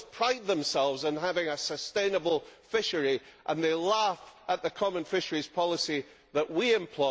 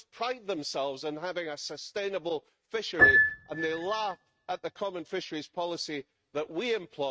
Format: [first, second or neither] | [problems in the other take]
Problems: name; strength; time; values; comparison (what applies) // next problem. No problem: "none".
first | noise reduction (neural mask model RNNoise)